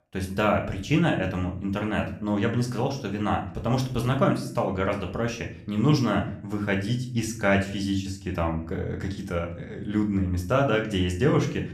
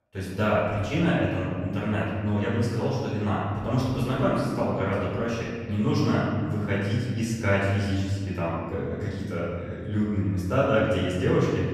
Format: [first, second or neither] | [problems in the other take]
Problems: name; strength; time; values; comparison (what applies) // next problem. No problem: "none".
first | room echo; strong; dies away in 1.9 s; slight in the first // off-mic speech; far; somewhat distant in the first